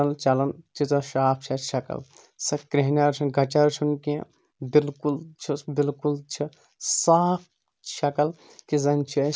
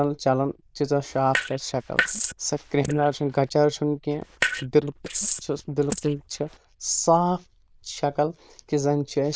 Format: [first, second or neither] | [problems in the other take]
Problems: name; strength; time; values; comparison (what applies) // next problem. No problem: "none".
first | noise reduction (neural diffusion model UNIVERSE++)